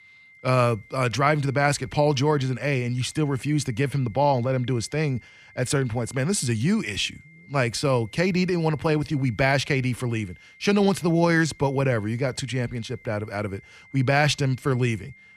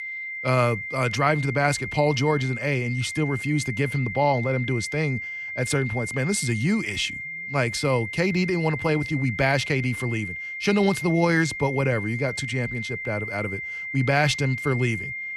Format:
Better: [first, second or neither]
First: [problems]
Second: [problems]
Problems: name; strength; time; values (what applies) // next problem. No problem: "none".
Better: first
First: high-pitched whine; faint; throughout; 2 kHz, 25 dB below the speech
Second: high-pitched whine; loud; throughout; 2 kHz, 6 dB below the speech